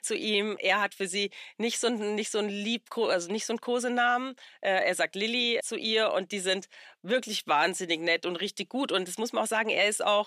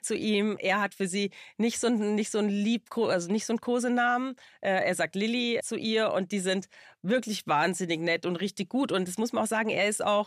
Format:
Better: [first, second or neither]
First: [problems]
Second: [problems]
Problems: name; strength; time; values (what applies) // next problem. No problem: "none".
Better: second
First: thin; very slightly; fading below 300 Hz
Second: none